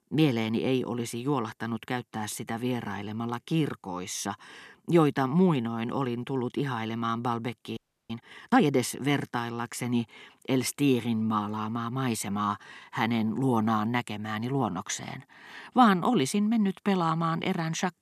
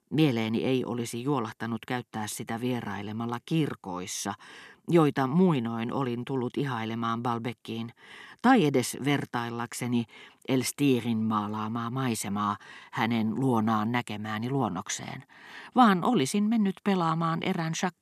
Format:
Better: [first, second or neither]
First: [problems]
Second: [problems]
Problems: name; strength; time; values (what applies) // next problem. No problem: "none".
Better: second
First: audio freezing; at 8 s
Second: none